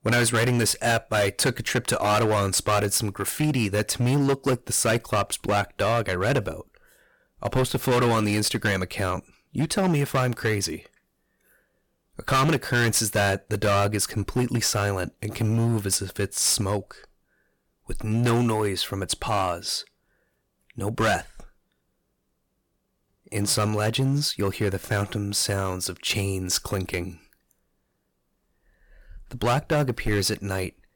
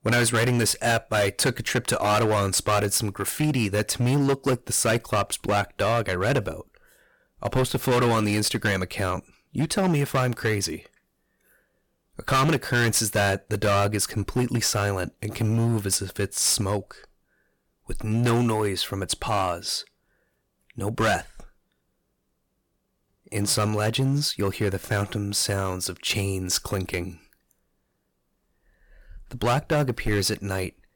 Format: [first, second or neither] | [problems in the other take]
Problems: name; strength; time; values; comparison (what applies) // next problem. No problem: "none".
neither | distortion; heavy; 9% of the sound clipped; the same in both